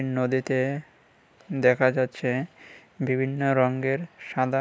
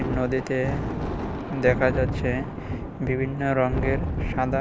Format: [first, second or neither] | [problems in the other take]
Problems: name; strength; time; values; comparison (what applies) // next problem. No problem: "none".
first | background sound (Thunder); 2 dB below the speech